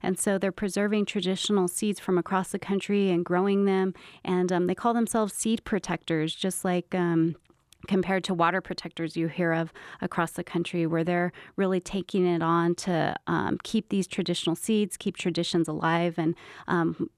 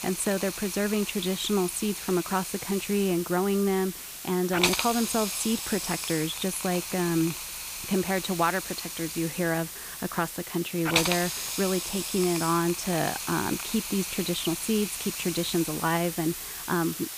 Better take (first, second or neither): first